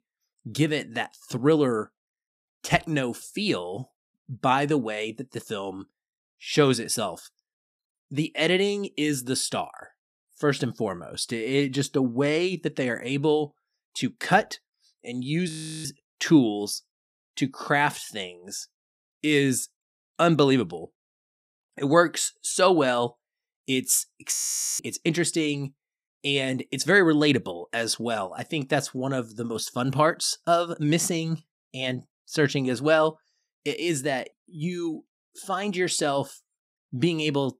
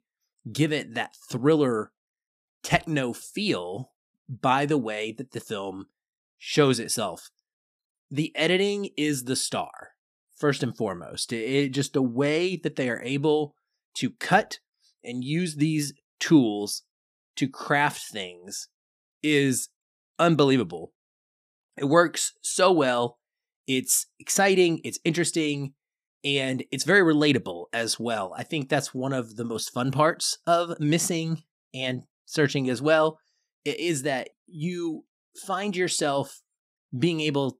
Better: second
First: audio freezing; at 15 s and at 24 s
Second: none

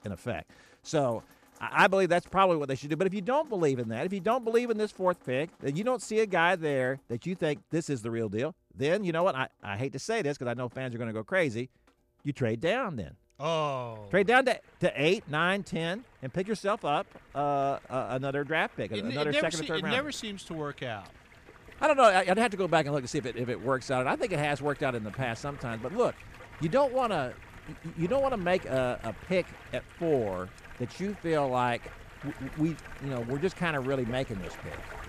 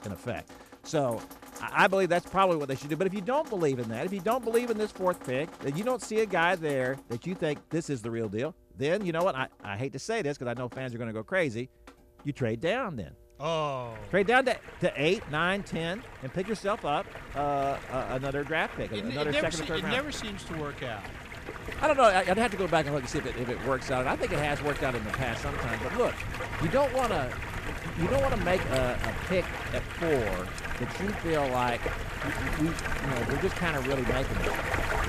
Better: first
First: rain or running water; faint; throughout; 20 dB below the speech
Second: rain or running water; loud; throughout; 7 dB below the speech

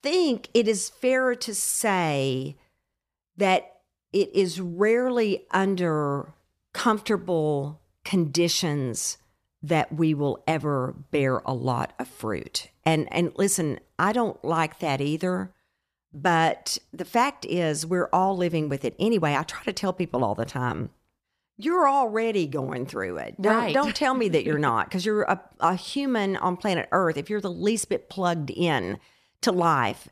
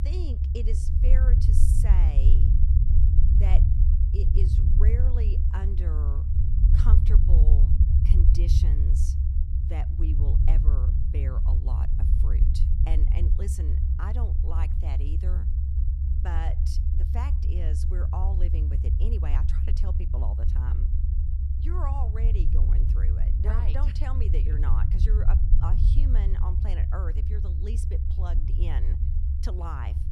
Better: first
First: none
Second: low rumble; loud; throughout; as loud as the speech

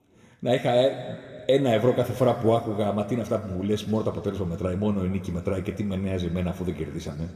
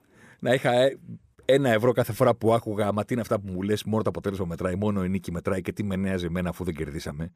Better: second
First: room echo; slight; dies away in 2.1 s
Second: none

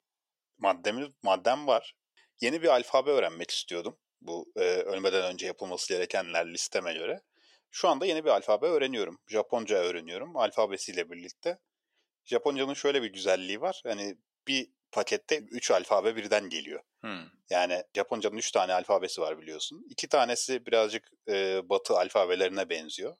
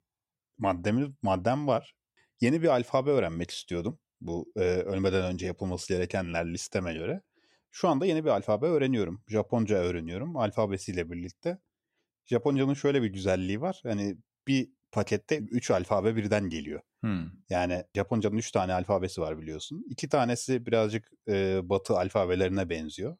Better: second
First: thin; somewhat; fading below 500 Hz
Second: none

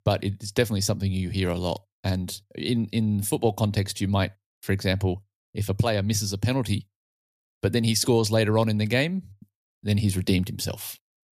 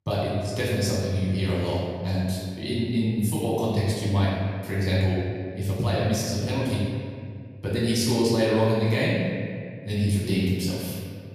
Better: first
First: none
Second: room echo; strong; dies away in 1.9 s // off-mic speech; far

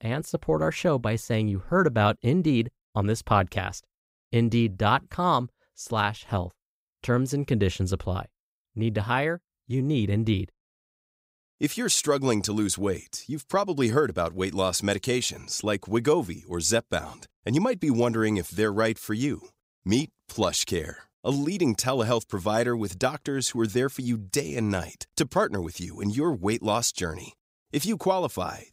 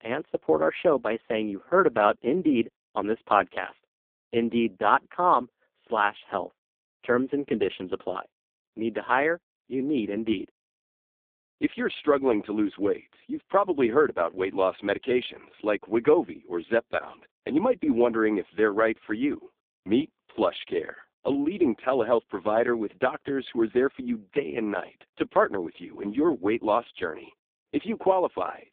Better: first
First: none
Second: phone-call audio; poor line

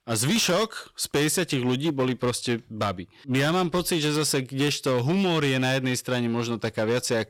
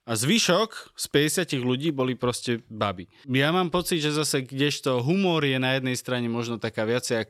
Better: second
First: distortion; slight; 13% of the sound clipped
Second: none

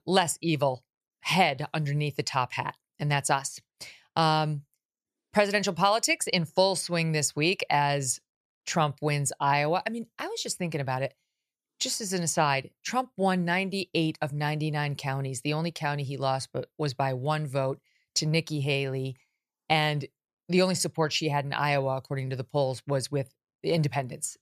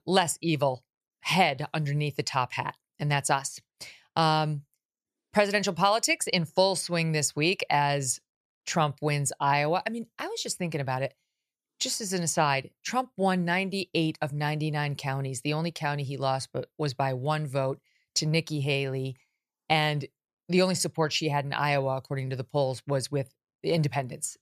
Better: neither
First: none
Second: none

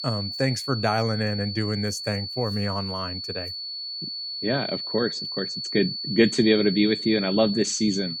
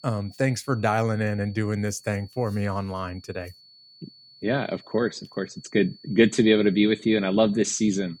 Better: second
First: high-pitched whine; loud; throughout; 4.5 kHz, 5 dB below the speech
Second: high-pitched whine; faint; throughout; 4.5 kHz, 25 dB below the speech

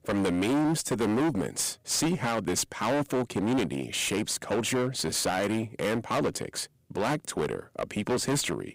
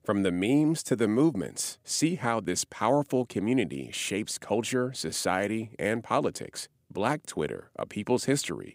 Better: second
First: distortion; heavy; 19% of the sound clipped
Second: none

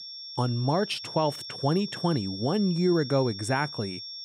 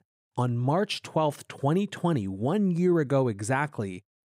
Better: second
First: high-pitched whine; loud; throughout; 5.5 kHz, 9 dB below the speech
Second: none

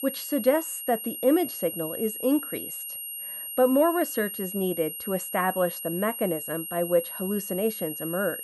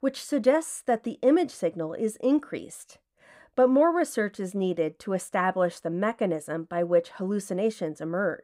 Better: second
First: high-pitched whine; loud; throughout; 11.5 kHz, 7 dB below the speech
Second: none

